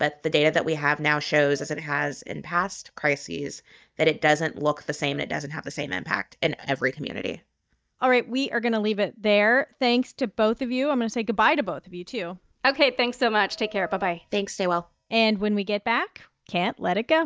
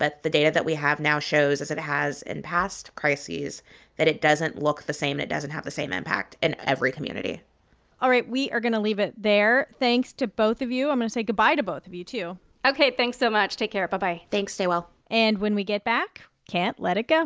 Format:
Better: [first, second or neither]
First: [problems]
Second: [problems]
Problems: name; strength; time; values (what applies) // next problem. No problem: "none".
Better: second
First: noise reduction (neural mask model DeepFilterNet 3)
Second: none